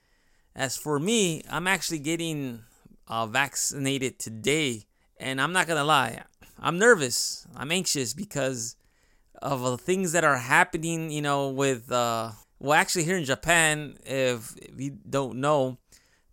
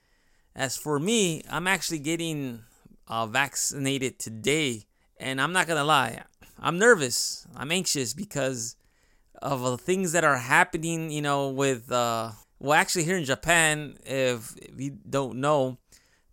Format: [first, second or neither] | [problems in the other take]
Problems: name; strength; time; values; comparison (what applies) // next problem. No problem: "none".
neither | none